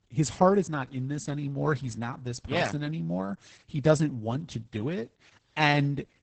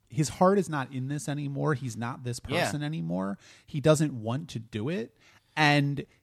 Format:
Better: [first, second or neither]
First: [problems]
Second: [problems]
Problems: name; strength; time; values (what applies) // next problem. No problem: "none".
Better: second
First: garbled, watery; badly; nothing above 8 kHz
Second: none